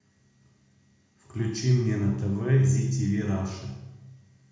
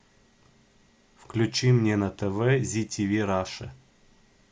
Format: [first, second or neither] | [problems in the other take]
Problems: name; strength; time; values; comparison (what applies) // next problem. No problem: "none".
second | room echo; dies away in 1 s